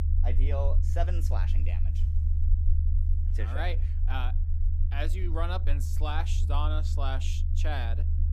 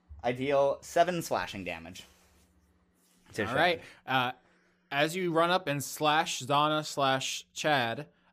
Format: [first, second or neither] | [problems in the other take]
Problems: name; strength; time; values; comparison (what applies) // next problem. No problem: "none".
second | low rumble; loud; throughout; 10 dB below the speech